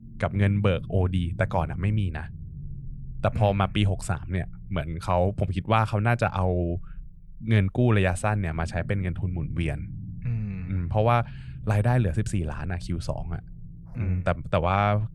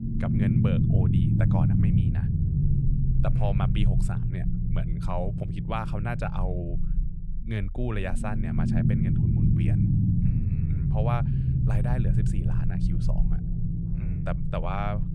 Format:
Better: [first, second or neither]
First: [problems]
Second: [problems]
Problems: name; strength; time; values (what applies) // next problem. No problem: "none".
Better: first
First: low rumble; faint; throughout; 25 dB below the speech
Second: low rumble; loud; throughout; as loud as the speech